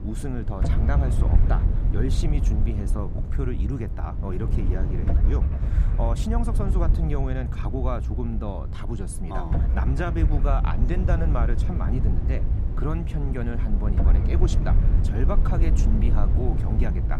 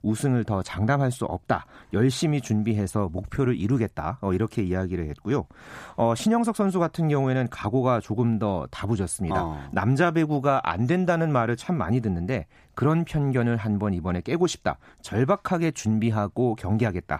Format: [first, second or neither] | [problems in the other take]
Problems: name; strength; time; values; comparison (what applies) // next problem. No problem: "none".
second | low rumble; loud; throughout; 5 dB below the speech